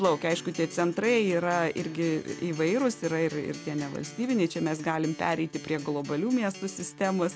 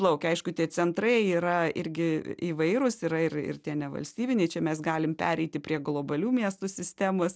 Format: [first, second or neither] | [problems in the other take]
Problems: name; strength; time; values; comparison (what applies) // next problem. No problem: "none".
second | background sound (Acoustic guitar); 16 dB below the speech